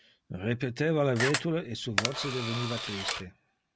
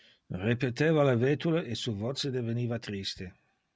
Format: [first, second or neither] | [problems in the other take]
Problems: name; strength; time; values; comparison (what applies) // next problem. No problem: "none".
second | background sound (Camera); 3 dB below the speech